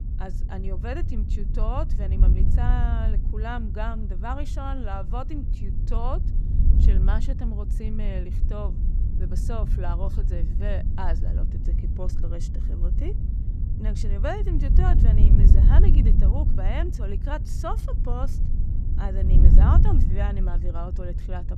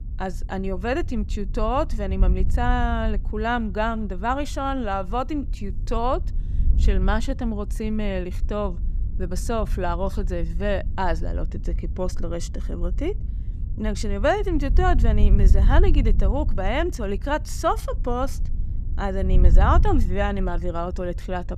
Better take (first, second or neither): second